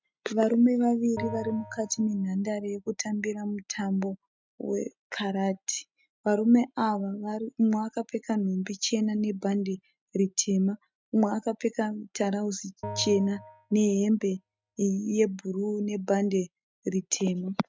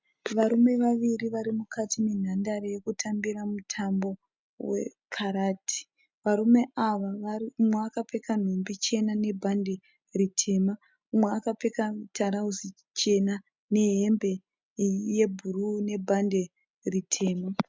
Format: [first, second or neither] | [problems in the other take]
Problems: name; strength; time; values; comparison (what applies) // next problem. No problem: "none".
second | noise reduction (neural mask model RNNoise)